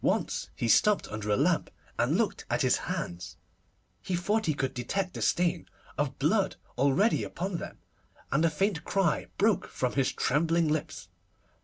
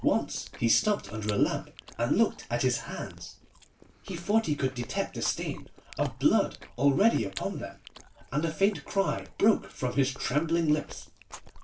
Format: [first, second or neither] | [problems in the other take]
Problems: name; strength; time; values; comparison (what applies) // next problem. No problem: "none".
first | background sound (Chewing, mastication); 19 dB below the speech // room echo; dies away in 0.2 s